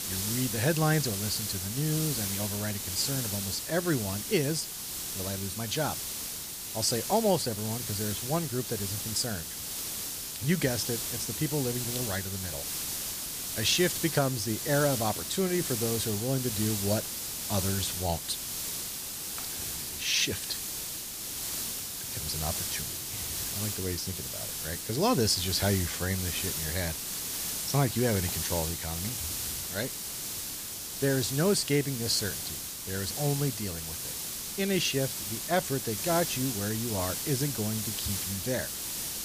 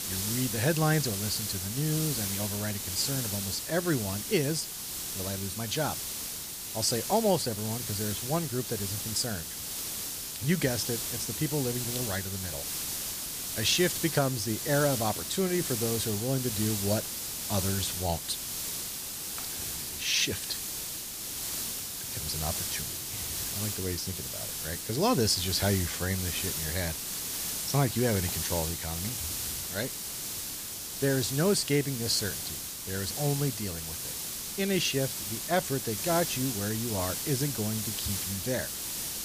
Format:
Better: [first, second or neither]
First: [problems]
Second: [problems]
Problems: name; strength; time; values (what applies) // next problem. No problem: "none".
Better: neither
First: hiss; loud; throughout; 2 dB below the speech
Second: hiss; loud; throughout; 2 dB below the speech